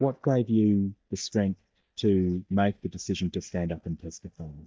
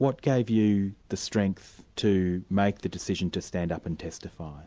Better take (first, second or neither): second